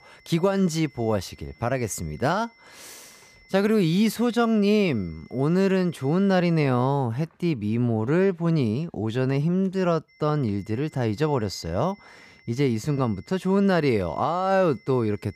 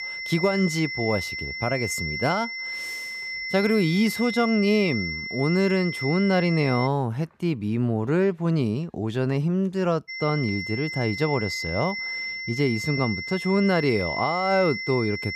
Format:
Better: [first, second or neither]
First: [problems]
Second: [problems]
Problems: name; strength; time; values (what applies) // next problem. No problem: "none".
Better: first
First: high-pitched whine; faint; until 7 s and from 10 s on; 2 kHz, 30 dB below the speech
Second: high-pitched whine; loud; until 7 s and from 10 s on; 2 kHz, 5 dB below the speech